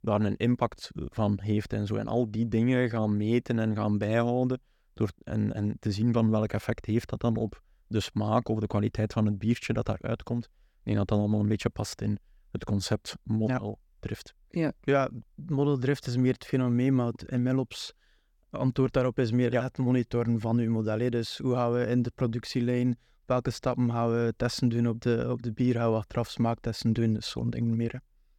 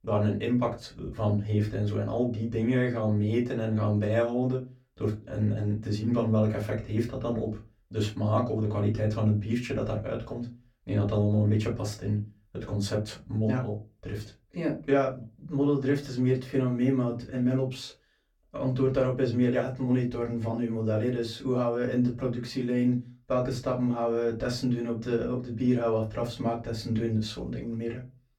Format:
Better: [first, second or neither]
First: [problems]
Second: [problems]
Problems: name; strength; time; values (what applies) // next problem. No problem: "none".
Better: first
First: none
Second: off-mic speech; far // room echo; very slight; dies away in 0.2 s